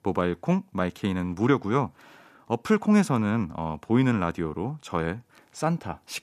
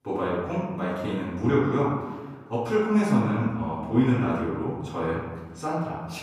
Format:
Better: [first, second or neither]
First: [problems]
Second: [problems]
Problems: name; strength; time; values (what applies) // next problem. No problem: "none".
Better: first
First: none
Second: off-mic speech; far // room echo; noticeable; dies away in 1.2 s